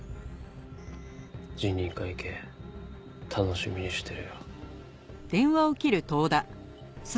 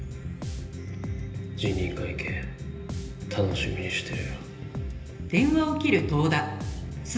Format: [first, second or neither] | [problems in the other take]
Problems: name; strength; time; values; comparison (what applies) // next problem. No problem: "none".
first | background sound (Bass guitar); 7 dB below the speech // room echo; dies away in 1.4 s